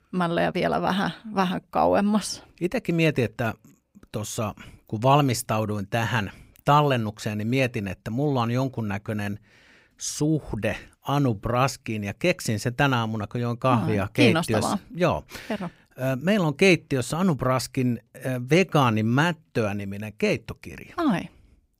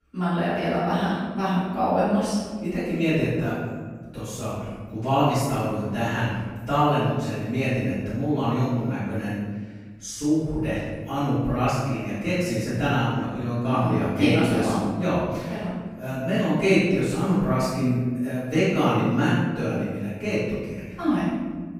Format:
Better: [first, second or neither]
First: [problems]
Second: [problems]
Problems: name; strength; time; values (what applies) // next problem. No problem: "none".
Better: first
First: none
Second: room echo; strong; dies away in 1.4 s // off-mic speech; far